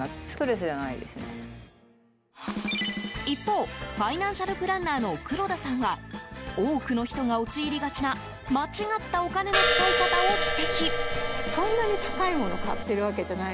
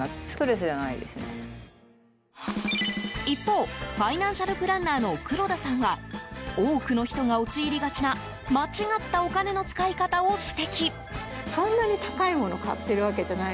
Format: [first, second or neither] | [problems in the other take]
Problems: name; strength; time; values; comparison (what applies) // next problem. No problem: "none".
second | background sound (Crash cymbal); 3 dB above the speech